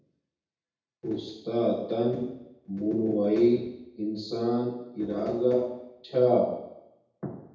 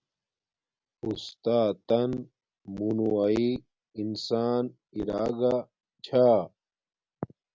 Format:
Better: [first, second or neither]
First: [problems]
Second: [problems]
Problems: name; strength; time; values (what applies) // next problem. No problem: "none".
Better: second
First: room echo; dies away in 0.8 s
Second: none